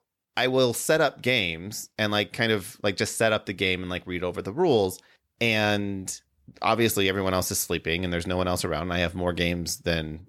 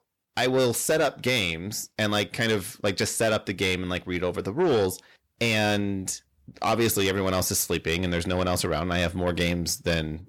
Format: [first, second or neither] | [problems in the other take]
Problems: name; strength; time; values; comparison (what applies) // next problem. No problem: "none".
first | distortion; slight; 10 dB below the speech